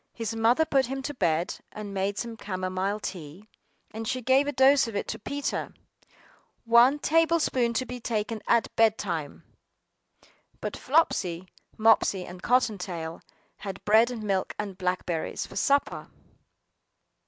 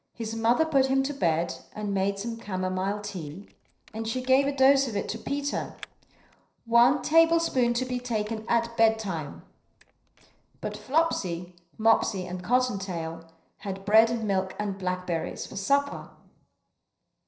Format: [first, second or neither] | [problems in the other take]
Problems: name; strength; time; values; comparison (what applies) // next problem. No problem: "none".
first | noise reduction (neural separator model SepFormer DNS4)